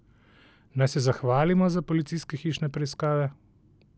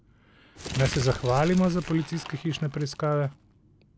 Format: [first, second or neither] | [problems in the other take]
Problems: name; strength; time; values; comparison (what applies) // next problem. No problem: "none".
first | background sound (Crumpling, crinkling); 12 dB below the speech